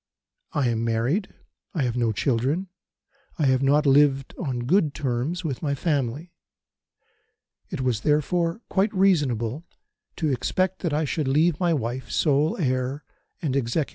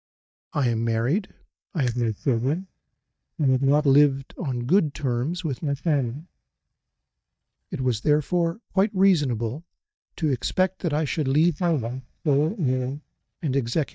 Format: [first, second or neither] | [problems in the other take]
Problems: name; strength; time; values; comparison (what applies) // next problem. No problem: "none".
first | noise reduction (neural mask model DeepFilterNet 3)